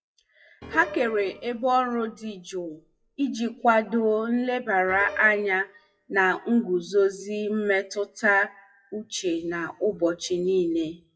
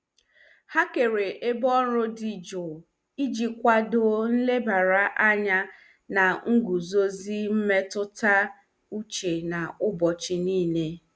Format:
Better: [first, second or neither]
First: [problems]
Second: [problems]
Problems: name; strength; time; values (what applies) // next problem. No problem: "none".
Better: second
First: noise reduction (classical method WPE with log-MMSE)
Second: none